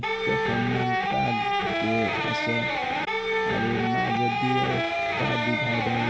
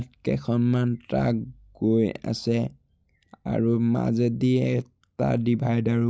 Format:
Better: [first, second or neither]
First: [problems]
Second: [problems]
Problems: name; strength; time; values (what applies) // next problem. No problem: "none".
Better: second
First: background sound (Electric guitar); 4 dB above the speech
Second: none